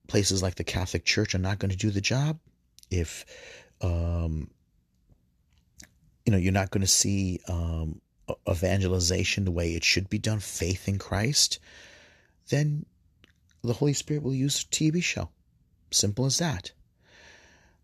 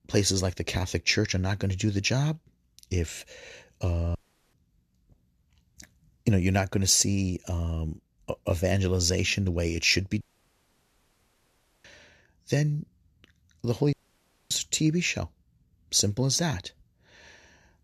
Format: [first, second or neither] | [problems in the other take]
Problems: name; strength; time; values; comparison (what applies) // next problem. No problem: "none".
first | audio cutting out; at 4 s, at 10 s for 1.5 s and at 14 s for 0.5 s